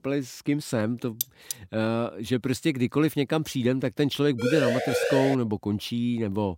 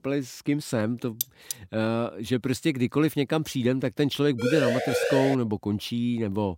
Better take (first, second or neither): neither